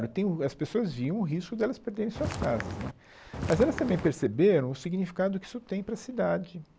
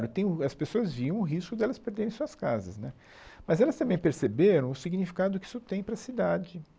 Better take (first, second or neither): second